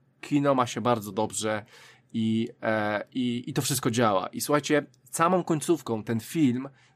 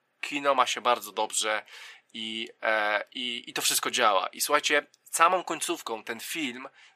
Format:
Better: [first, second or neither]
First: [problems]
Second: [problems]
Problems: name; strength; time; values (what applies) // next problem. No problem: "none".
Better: first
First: none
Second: thin; very; fading below 650 Hz